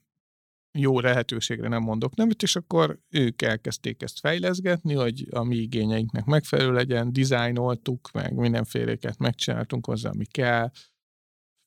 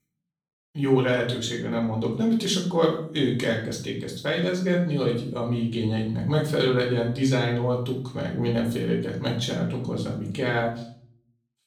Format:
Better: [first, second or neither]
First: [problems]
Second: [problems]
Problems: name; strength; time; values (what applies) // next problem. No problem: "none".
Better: first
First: none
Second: off-mic speech; far // room echo; slight; dies away in 0.5 s